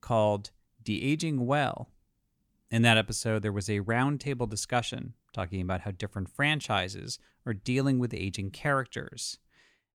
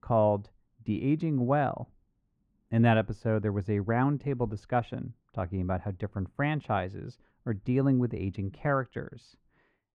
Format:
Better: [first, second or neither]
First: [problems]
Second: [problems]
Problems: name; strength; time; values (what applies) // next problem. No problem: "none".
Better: first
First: none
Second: muffled; very; fading above 3.5 kHz